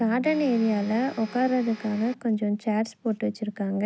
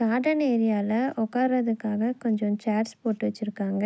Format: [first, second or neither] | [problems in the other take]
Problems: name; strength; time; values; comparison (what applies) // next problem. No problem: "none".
second | background sound (Domestic sounds, home sounds + Keyboard (musical)); 18 dB below the speech